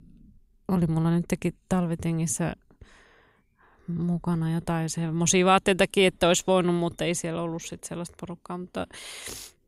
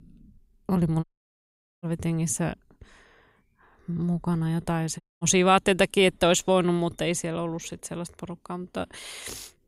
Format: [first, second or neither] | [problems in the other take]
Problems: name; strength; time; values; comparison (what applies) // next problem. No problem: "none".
first | audio cutting out; at 1 s for 1 s and at 5 s